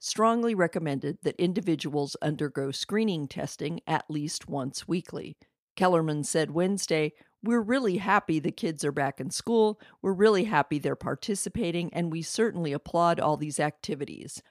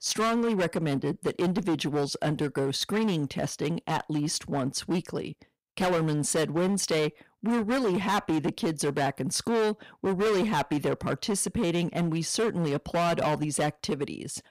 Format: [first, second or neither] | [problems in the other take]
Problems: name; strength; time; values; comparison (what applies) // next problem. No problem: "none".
first | distortion; heavy; 17% of the sound clipped